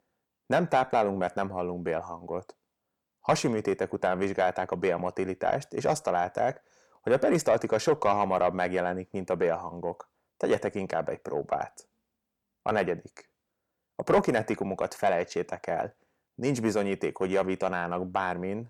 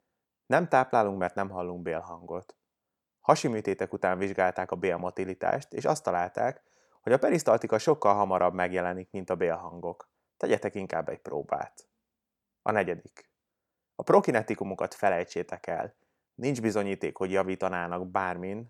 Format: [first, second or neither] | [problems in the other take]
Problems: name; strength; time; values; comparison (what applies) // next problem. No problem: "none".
second | distortion; slight; 10 dB below the speech